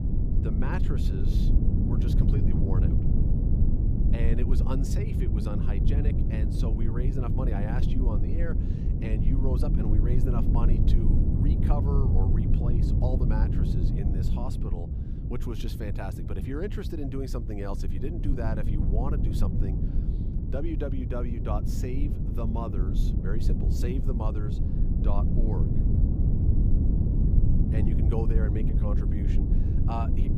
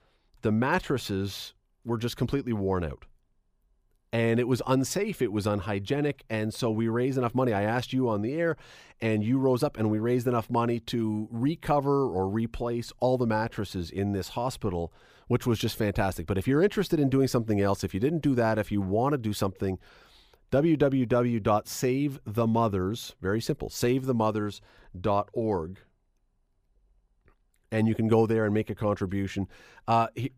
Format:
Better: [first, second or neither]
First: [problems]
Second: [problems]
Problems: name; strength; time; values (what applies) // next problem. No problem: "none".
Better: second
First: low rumble; loud; throughout; as loud as the speech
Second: none